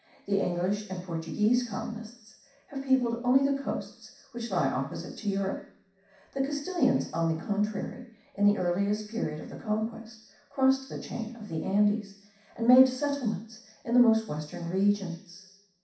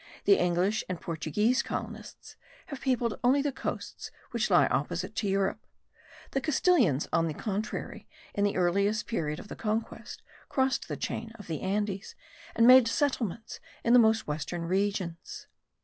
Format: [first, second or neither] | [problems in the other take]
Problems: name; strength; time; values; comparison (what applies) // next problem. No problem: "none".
second | room echo; dies away in 0.7 s